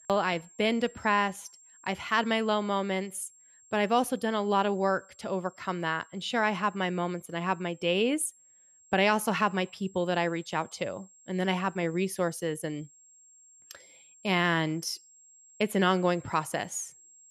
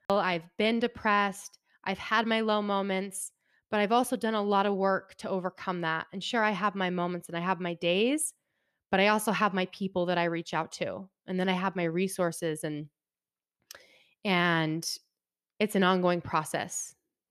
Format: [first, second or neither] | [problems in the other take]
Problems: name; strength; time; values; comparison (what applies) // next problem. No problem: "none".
second | high-pitched whine; faint; throughout; 7.5 kHz, 25 dB below the speech